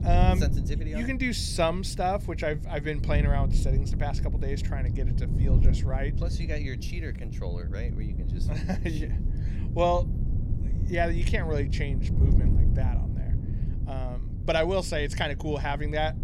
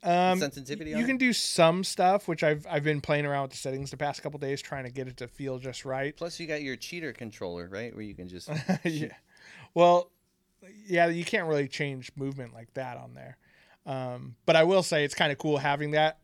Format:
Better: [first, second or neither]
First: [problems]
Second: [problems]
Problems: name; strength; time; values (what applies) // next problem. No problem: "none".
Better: second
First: wind noise on the microphone; occasional gusts; 10 dB below the speech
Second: none